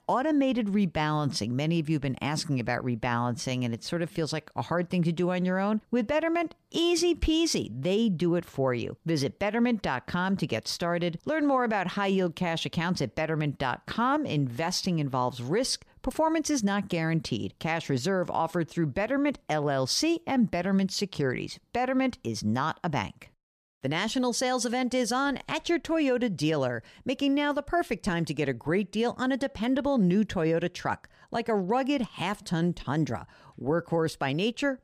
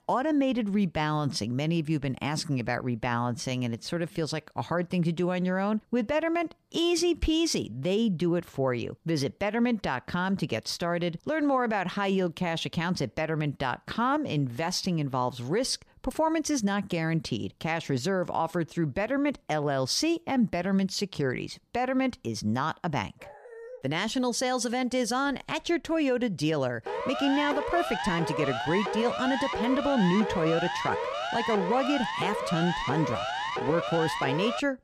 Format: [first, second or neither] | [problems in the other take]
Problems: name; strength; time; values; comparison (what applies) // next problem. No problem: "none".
first | dog barking; faint; at 23 s; peak 15 dB below the speech // siren; noticeable; from 27 s on; peak 2 dB below the speech